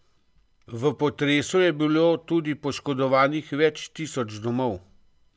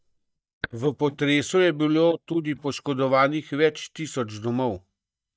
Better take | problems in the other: first | noise reduction (neural mask model DeepFilterNet 3)

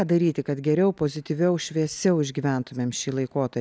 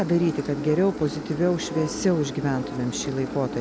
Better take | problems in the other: first | background sound (Engine); 8 dB below the speech

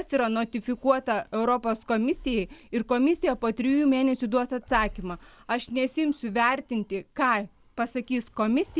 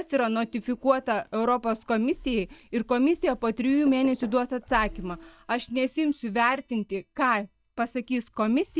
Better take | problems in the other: first | noise reduction (neural mask model DeepFilterNet 3)

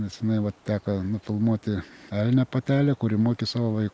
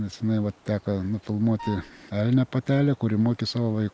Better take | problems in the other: first | background sound (Wind instrument, woodwind instrument); 14 dB below the speech

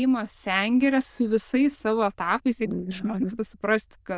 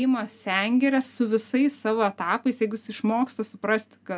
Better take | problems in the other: second | noise reduction (neural diffusion model UNIVERSE++)

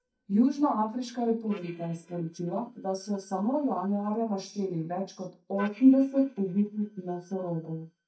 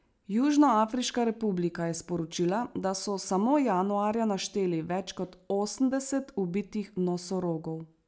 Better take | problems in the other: second | noise reduction (neural mask model DeepFilterNet 3)

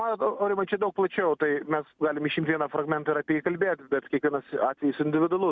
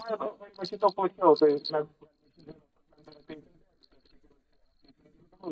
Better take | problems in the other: first | noise reduction (neural mask model DeepFilterNet 3)

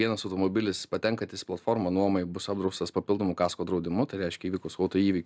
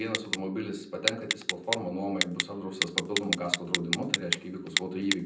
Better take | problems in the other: first | background sound (Telephone); 1 dB above the speech // room echo; dies away in 0.6 s

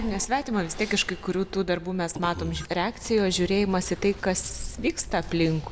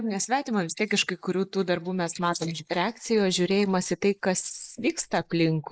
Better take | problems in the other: first | noise reduction (neural mask model Resemble Enhance denoiser)

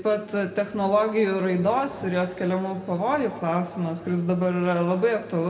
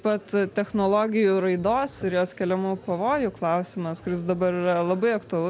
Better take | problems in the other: second | room echo; dies away in 1.5 s

